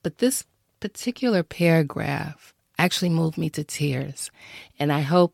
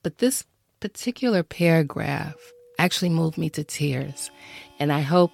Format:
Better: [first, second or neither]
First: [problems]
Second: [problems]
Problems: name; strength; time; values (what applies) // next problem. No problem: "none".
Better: first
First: none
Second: background music; faint; from 2 s on; 30 dB below the speech